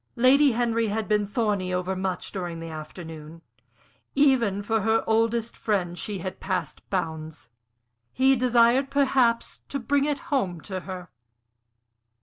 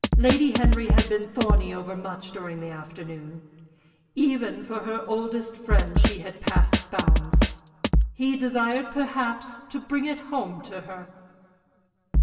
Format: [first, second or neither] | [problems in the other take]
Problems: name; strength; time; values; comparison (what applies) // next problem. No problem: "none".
first | background sound (Drum kit); 4 dB above the speech // room echo; dies away in 2.3 s